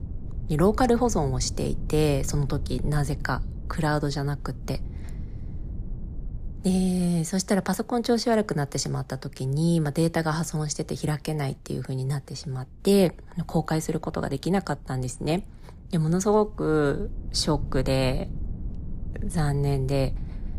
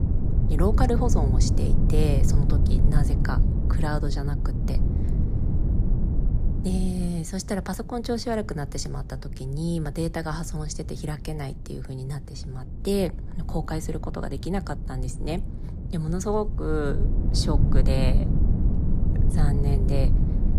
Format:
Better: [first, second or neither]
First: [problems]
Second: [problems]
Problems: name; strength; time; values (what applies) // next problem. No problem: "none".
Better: first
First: low rumble; faint; throughout; 20 dB below the speech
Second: low rumble; loud; throughout; 6 dB below the speech